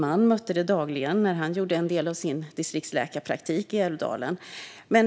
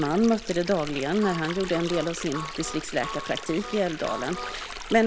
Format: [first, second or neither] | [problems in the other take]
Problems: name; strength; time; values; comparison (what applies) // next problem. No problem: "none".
first | background sound (Stream + Harmonica); 10 dB below the speech